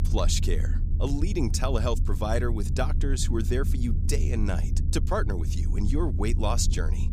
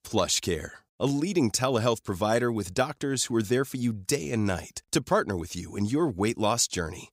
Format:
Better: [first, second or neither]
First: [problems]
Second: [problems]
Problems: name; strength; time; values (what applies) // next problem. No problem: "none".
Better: second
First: low rumble; noticeable; throughout; 10 dB below the speech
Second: none